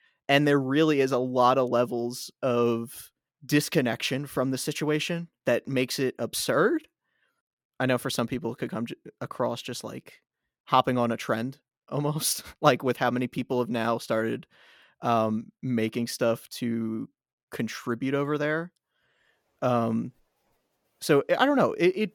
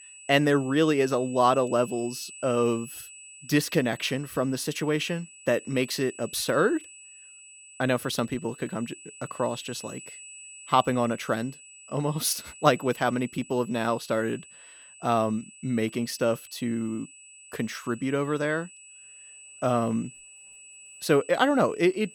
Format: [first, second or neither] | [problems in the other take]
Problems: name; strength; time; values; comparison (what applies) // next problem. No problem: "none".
first | high-pitched whine; noticeable; throughout; 8 kHz, 20 dB below the speech